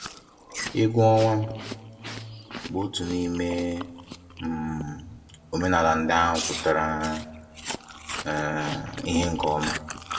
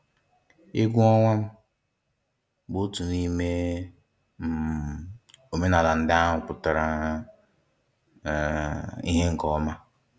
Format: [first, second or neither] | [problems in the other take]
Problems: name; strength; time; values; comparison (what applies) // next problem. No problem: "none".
second | background sound (Chewing, mastication); 11 dB below the speech // room echo; dies away in 1.7 s